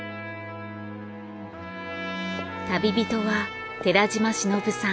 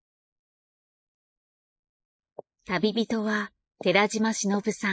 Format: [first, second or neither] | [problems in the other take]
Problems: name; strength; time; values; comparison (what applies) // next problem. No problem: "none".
first | noise reduction (neural mask model Resemble Enhance denoiser)